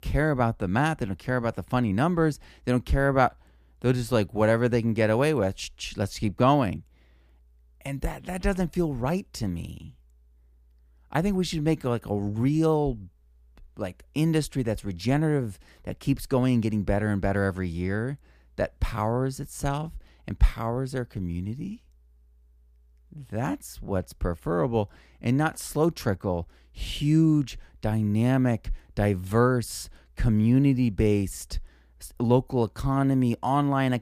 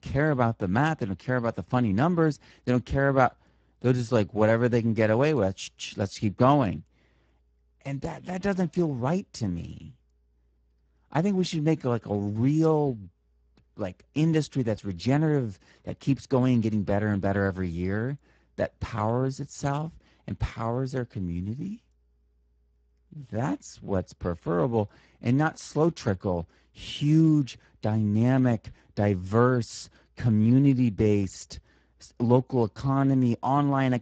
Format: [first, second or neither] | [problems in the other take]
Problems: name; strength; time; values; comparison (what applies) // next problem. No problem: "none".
first | garbled, watery; badly; nothing above 7.5 kHz